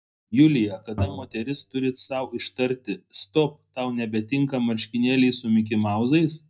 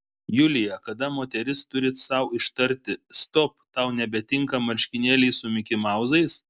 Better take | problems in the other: second | noise reduction (neural mask model DeepFilterNet 3)

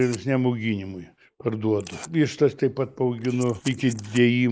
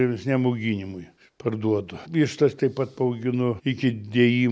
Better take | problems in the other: second | noise reduction (neural mask model Resemble Enhance denoiser)

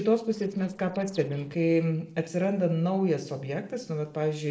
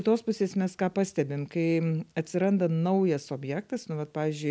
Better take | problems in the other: second | noise reduction (neural separator model SepFormer DNS4)

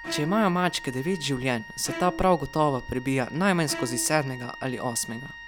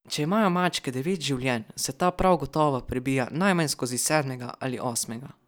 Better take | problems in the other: second | background sound (Bowed string instrument + Wind instrument, woodwind instrument); 13 dB below the speech

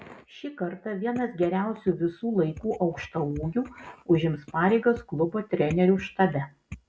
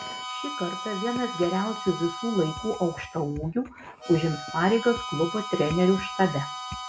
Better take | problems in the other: first | background sound (Harmonica); 9 dB below the speech

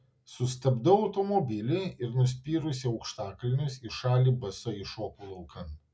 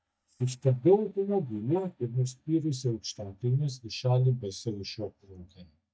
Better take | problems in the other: first | noise reduction (neural mask model DeepFilterNet 3)

